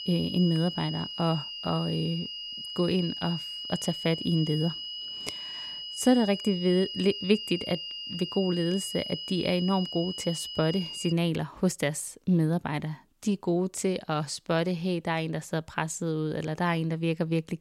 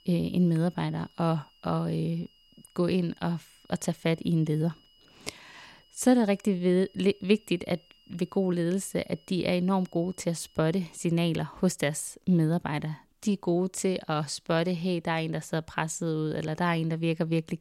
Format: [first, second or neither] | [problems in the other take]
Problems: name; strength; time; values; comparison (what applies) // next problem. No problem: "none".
second | high-pitched whine; loud; until 11 s; 3 kHz, 7 dB below the speech; faint in the second